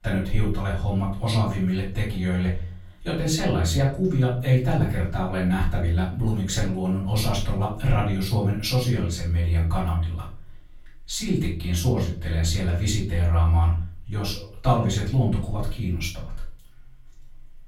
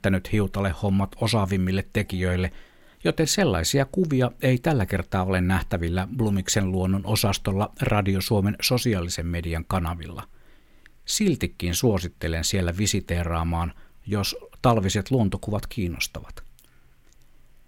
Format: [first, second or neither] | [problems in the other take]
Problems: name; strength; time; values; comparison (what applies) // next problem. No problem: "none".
second | off-mic speech; far // room echo; noticeable; dies away in 0.4 s